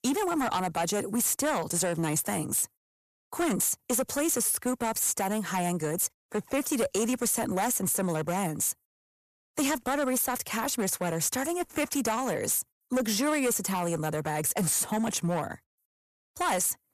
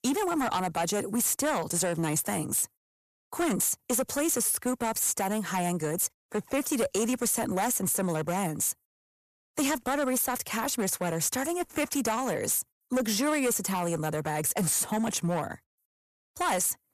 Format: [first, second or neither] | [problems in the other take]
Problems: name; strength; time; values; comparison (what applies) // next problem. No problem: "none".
neither | distortion; slight; 12% of the sound clipped; the same in both